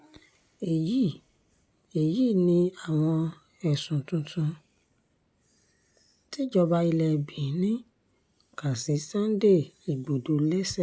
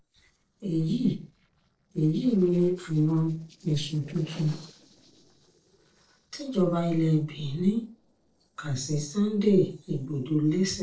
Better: first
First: none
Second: noise reduction (neural separator model SepFormer DNS4)

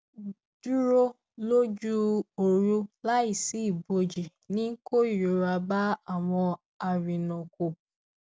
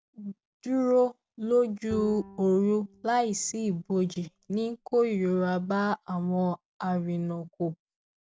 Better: first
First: none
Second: background sound (Bowed string instrument); 19 dB below the speech

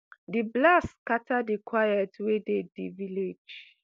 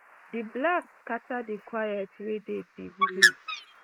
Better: first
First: none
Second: noise reduction (neural mask model Resemble Enhance denoiser)

